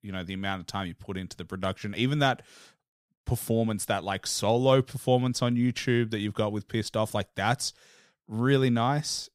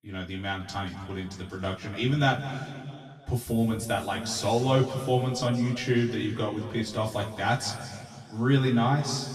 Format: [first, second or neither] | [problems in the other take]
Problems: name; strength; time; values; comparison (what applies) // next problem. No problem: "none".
first | room echo; noticeable; dies away in 2 s // off-mic speech; far